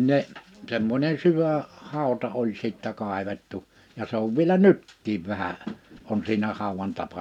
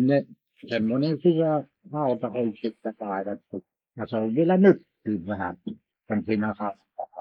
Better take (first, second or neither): first